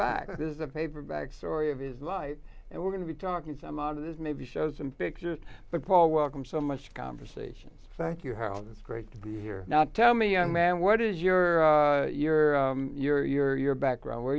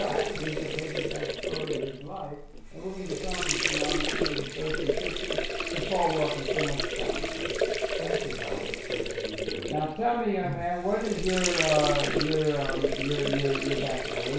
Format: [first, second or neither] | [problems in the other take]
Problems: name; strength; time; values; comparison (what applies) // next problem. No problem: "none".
first | background sound (Sink (filling or washing) / Water); 1 dB above the speech // room echo; dies away in 0.6 s